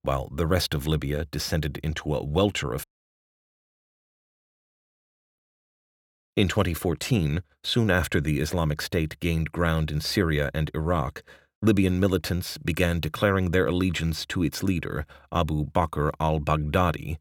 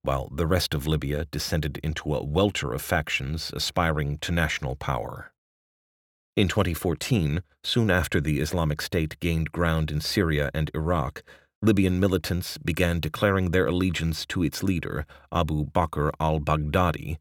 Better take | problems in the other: second | audio cutting out; at 3 s for 2.5 s

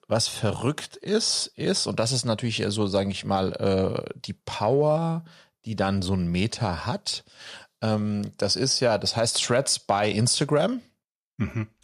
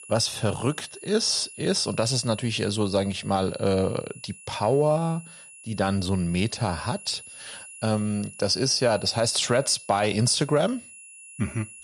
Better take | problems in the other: first | high-pitched whine; noticeable; throughout; 10.5 kHz, 15 dB below the speech

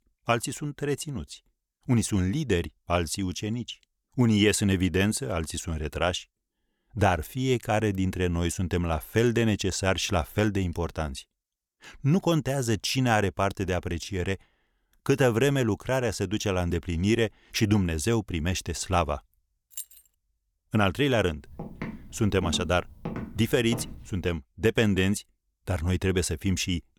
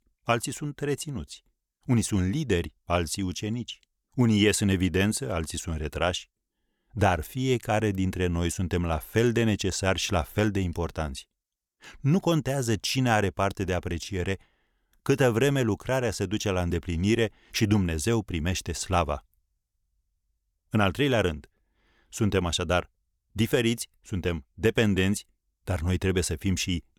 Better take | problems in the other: second | jangling keys; faint; at 20 s; peak 10 dB below the speech // footsteps; noticeable; from 21 to 24 s; peak 8 dB below the speech

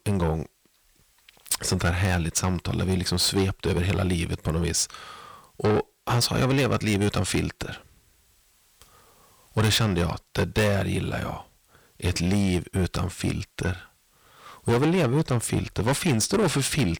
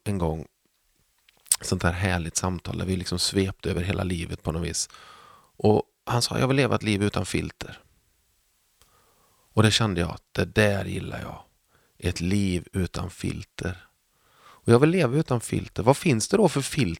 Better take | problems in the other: second | distortion; heavy; 6 dB below the speech

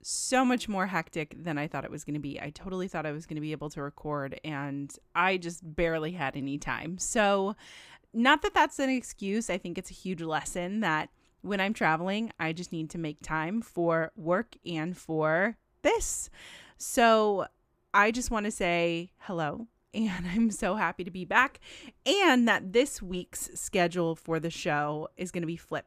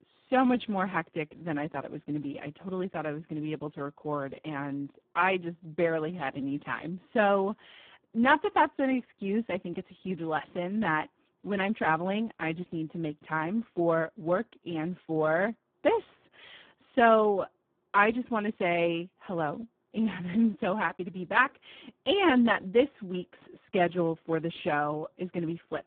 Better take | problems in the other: first | phone-call audio; poor line

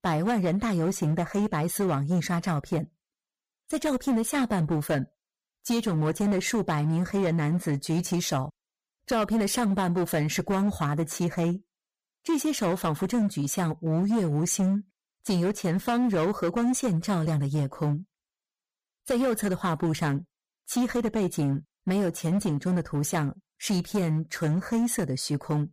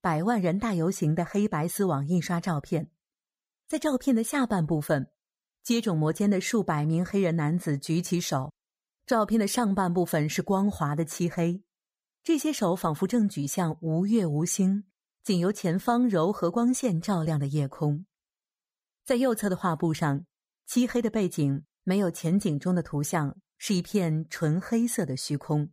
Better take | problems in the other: second | distortion; slight; 13% of the sound clipped

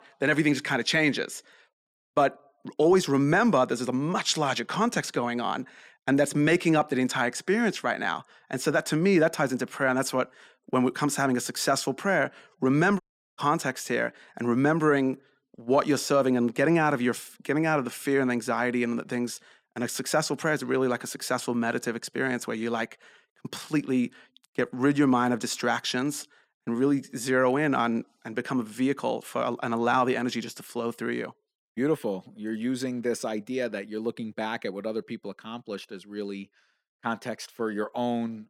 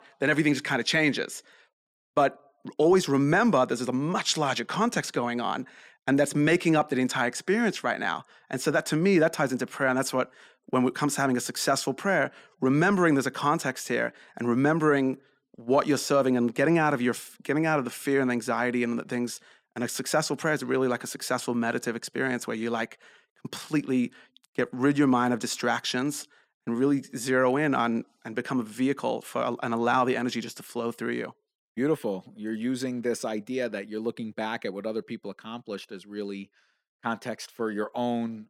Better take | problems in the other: second | audio cutting out; at 13 s

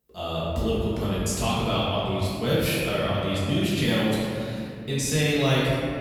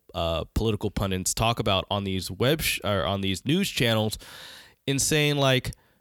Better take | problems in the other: second | off-mic speech; far // room echo; strong; dies away in 2.3 s

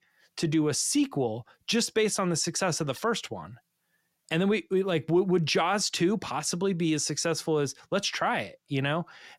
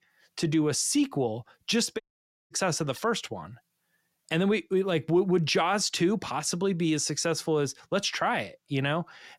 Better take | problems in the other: first | audio cutting out; at 2 s for 0.5 s

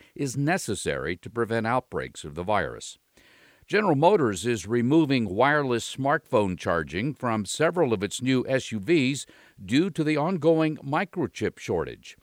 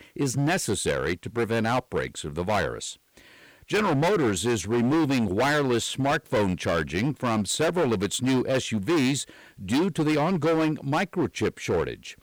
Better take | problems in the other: first | distortion; heavy; 17% of the sound clipped

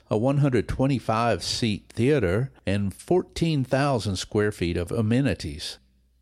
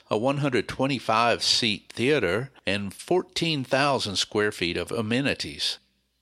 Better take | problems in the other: first | thin; very slightly; fading below 300 Hz

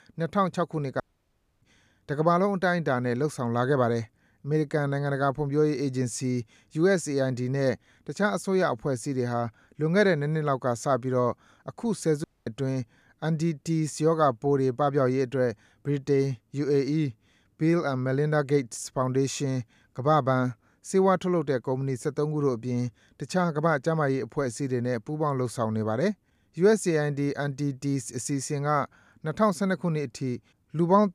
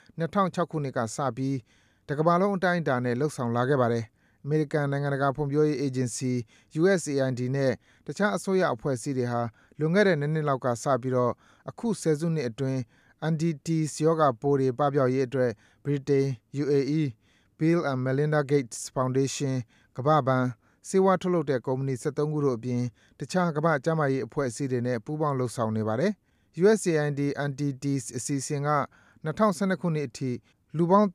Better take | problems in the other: second | audio cutting out; at 1 s for 0.5 s and at 12 s

